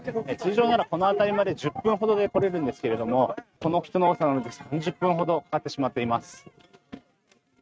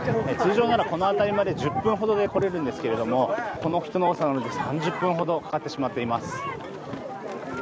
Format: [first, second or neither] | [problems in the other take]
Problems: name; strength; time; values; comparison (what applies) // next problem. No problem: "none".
second | noise reduction (neural mask model RNNoise)